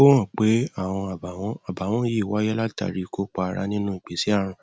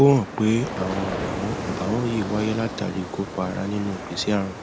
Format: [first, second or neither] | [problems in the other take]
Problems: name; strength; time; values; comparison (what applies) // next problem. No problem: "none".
first | background sound (Ocean); 8 dB below the speech